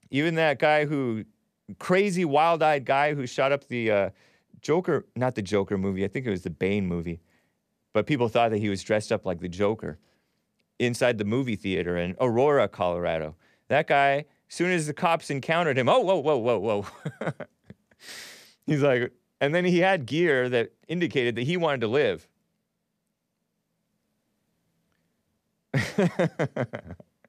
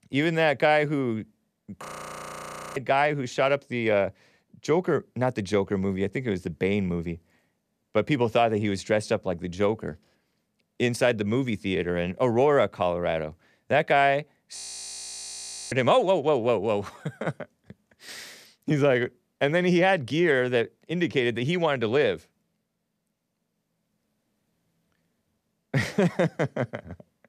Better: first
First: none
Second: audio freezing; at 2 s for 1 s and at 15 s for 1 s

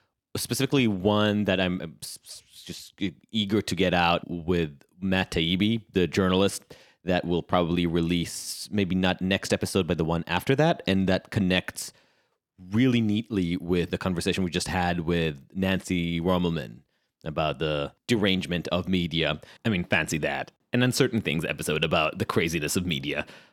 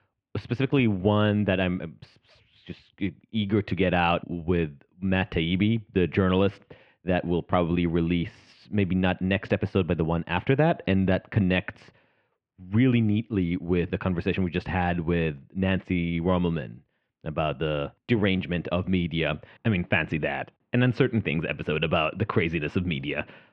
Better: first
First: none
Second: muffled; very; fading above 2.5 kHz

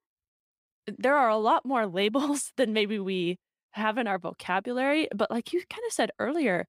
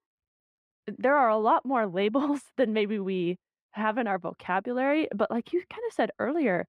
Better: first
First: none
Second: muffled; very; fading above 3.5 kHz

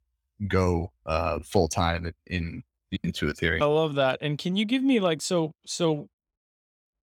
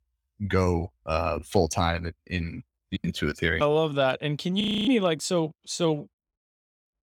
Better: first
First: none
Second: audio freezing; at 4.5 s

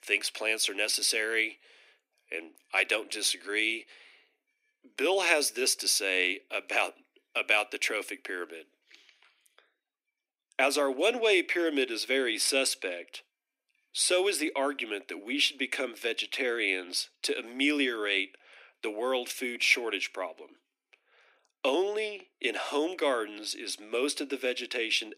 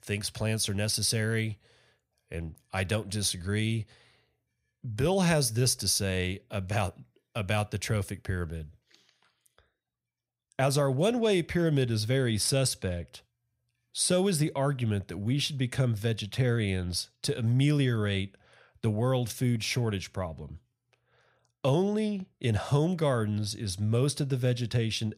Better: second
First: thin; somewhat; fading below 250 Hz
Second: none

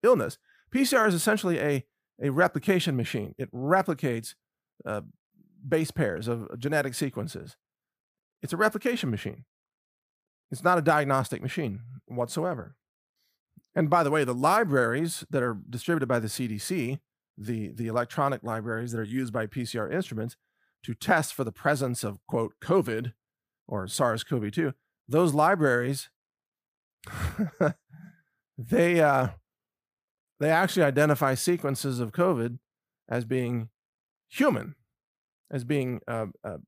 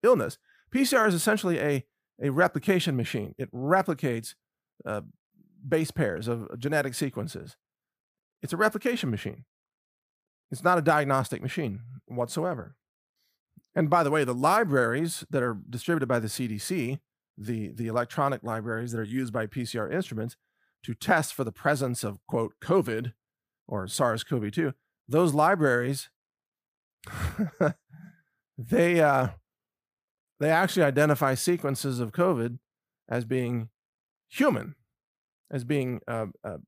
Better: neither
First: none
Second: none

